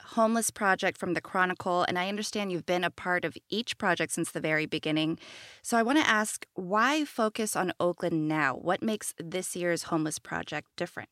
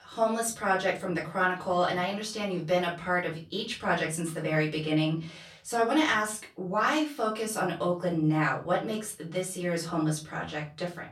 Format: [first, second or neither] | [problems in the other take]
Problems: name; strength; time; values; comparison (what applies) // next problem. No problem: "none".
first | off-mic speech; far // room echo; slight; dies away in 0.4 s